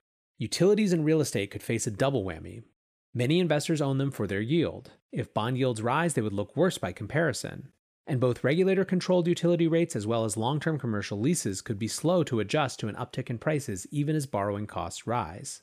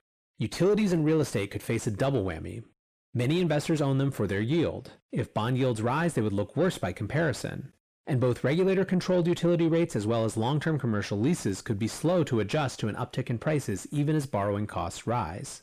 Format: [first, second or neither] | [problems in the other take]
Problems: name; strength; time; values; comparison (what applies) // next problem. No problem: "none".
first | distortion; slight; 10 dB below the speech